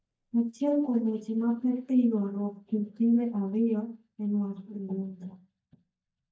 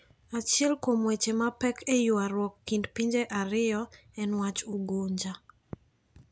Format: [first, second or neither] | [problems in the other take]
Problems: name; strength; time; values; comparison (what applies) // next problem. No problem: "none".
second | noise reduction (neural mask model DeepFilterNet 3)